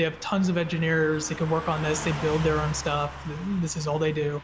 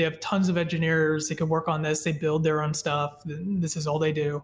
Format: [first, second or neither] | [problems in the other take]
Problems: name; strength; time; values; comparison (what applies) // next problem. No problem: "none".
second | background sound (Car passing by / Truck); 11 dB below the speech